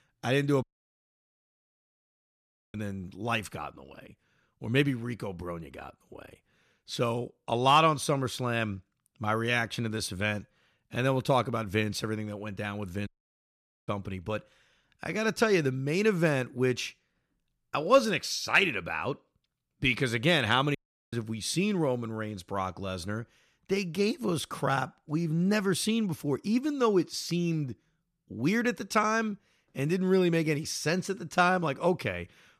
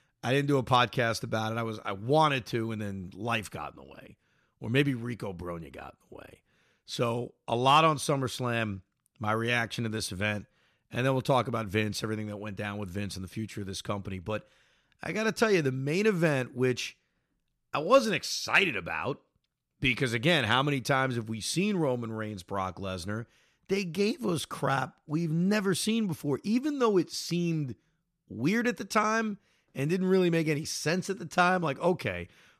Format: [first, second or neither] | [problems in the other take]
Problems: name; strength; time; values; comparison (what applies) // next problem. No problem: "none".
second | audio cutting out; at 0.5 s for 2 s, at 13 s for 1 s and at 21 s